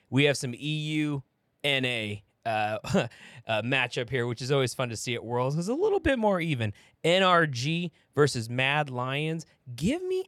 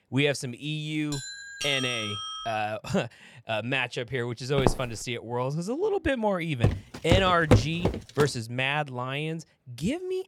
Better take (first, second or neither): first